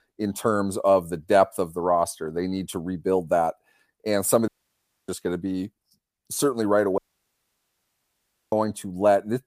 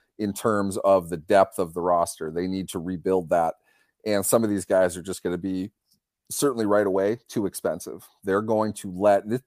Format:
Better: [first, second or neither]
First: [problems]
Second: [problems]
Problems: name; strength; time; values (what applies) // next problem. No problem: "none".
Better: second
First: audio cutting out; at 4.5 s for 0.5 s and at 7 s for 1.5 s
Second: none